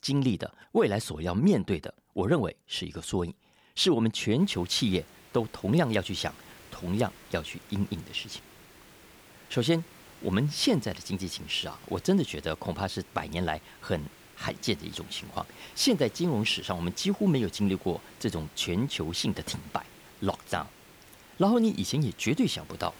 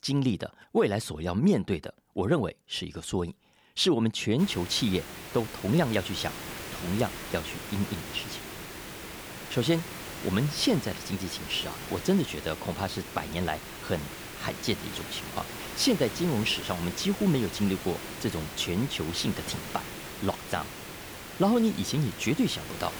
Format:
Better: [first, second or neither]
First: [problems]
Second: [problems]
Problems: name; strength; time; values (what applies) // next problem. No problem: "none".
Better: first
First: hiss; faint; from 4.5 s on; 20 dB below the speech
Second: hiss; loud; from 4.5 s on; 9 dB below the speech